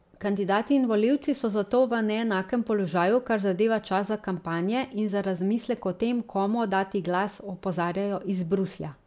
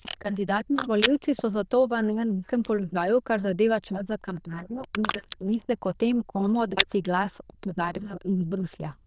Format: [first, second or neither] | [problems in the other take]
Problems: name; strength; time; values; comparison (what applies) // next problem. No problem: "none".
first | noise reduction (neural diffusion model UNIVERSE++)